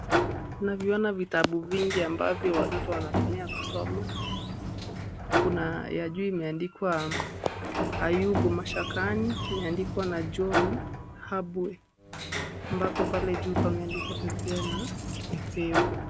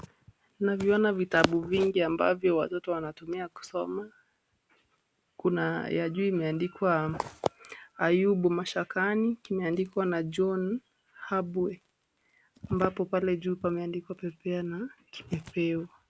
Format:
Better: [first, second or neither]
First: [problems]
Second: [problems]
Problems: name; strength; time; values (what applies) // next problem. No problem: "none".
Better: second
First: background sound (Sliding door + Keys jangling); 1 dB below the speech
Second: none